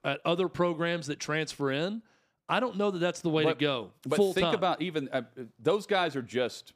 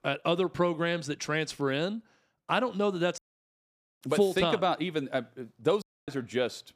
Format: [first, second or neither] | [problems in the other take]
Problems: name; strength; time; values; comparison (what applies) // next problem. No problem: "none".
first | audio cutting out; at 3 s for 1 s and at 6 s